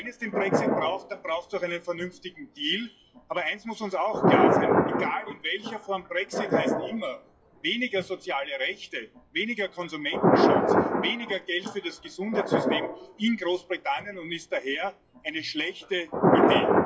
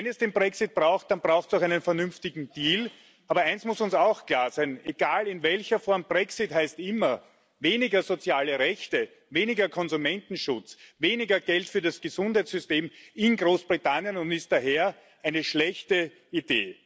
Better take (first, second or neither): second